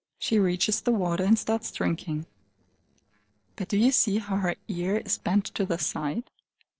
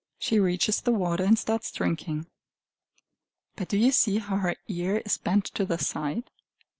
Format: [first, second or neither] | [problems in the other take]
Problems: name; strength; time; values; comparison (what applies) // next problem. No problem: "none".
second | noise reduction (neural separator model SepFormer DNS4)